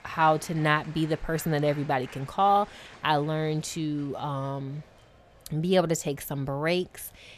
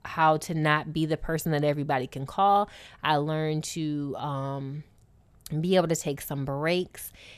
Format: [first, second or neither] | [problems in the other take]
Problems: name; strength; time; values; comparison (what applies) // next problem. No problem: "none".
second | crowd noise; faint; throughout; 20 dB below the speech